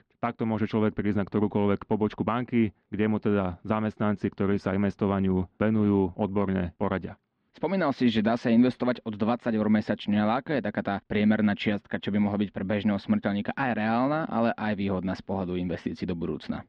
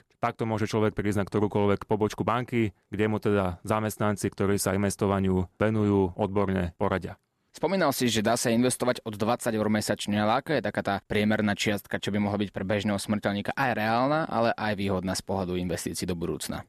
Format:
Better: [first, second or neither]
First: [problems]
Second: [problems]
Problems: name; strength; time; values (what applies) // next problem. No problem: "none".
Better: second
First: muffled; slightly; fading above 3.5 kHz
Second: none